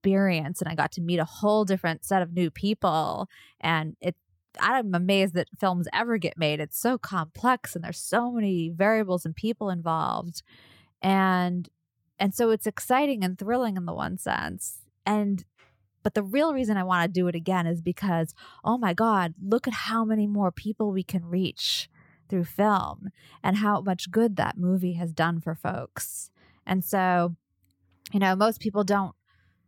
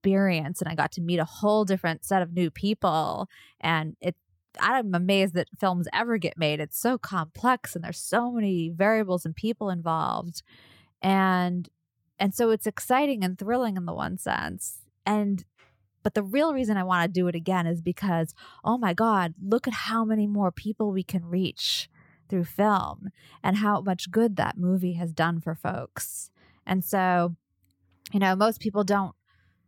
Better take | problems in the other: neither | none

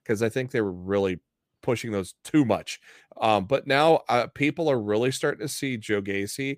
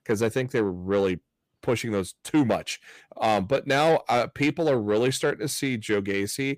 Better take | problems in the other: first | distortion; slight; 10 dB below the speech

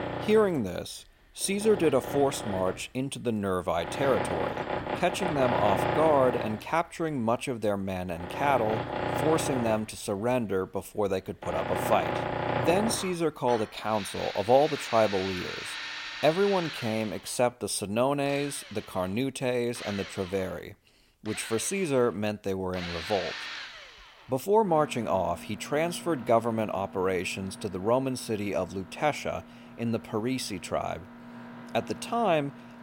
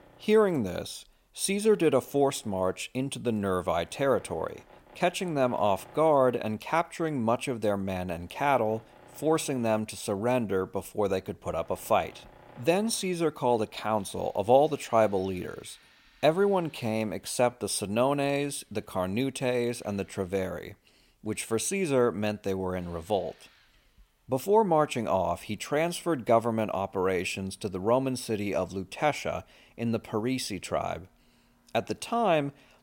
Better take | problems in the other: second | machinery noise; loud; throughout; 6 dB below the speech; faint in the second

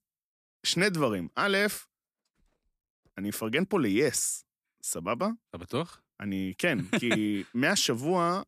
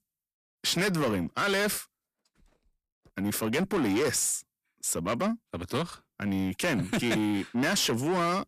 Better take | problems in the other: first | distortion; heavy; 8 dB below the speech

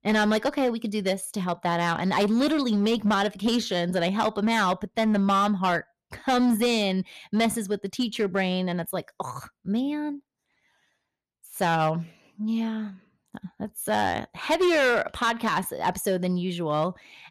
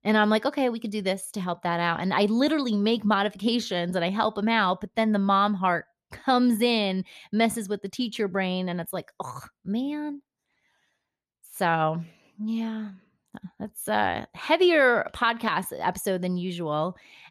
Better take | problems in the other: second | distortion; slight; 7% of the sound clipped

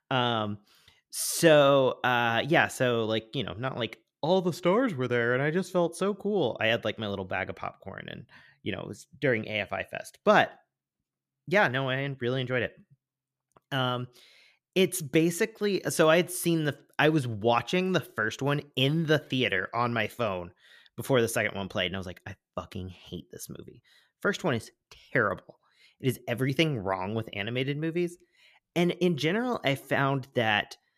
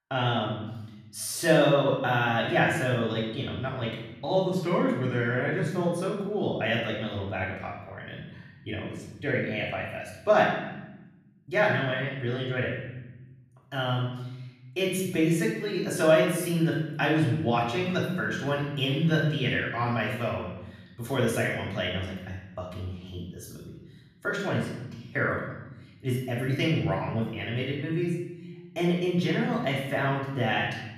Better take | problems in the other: first | room echo; noticeable; dies away in 1.1 s // off-mic speech; far

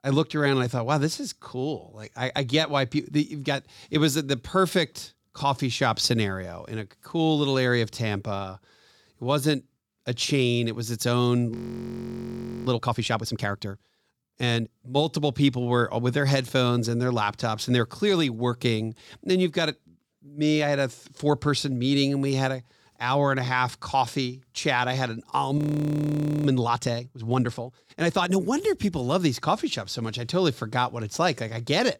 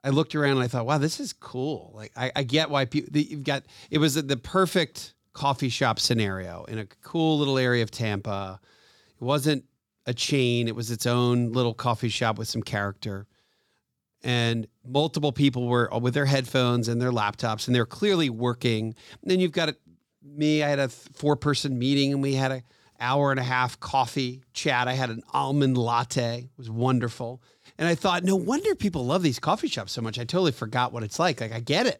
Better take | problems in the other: second | audio freezing; at 12 s for 1 s and at 26 s for 1 s

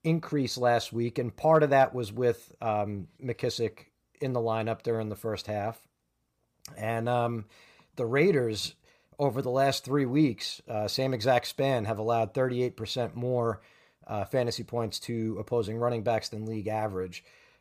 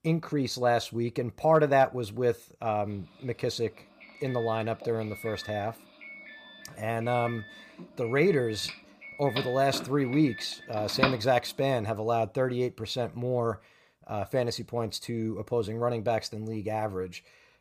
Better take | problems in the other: first | doorbell; loud; from 8.5 to 11 s; peak 1 dB above the speech

